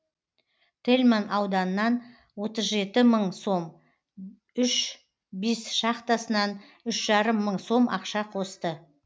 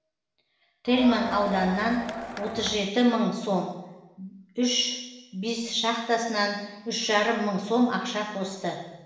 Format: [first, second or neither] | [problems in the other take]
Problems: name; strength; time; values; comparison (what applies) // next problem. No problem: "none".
first | background sound (Crowd); 8 dB below the speech // room echo; dies away in 0.9 s